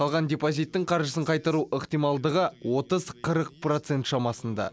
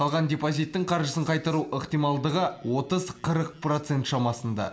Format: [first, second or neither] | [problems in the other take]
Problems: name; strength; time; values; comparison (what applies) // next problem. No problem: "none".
first | room echo; dies away in 0.5 s